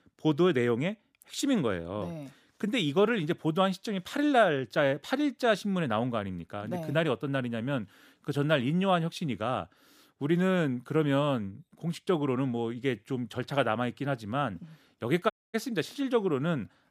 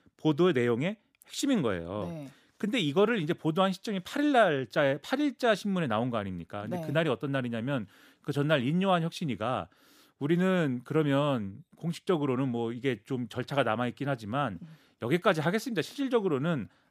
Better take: second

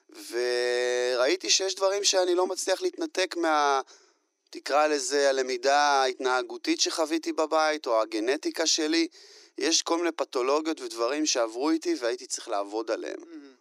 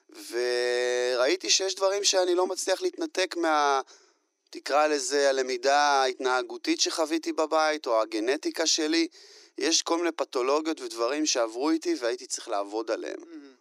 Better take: neither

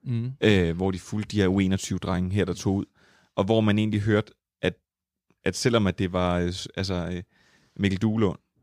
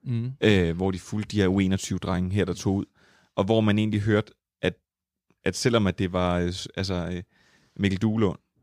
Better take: neither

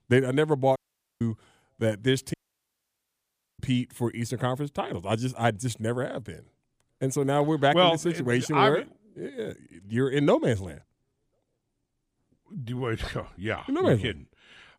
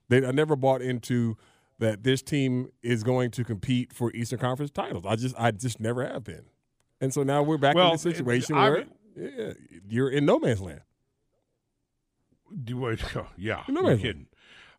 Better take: second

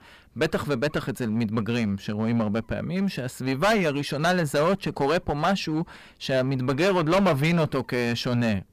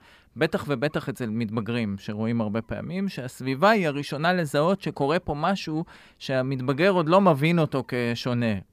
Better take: second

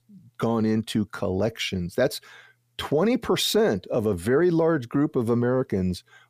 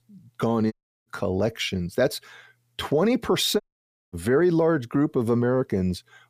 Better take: first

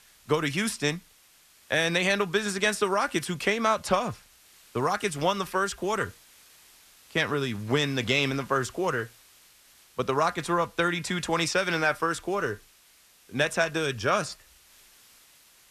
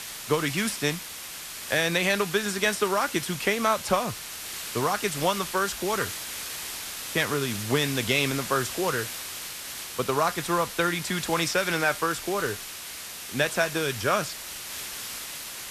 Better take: first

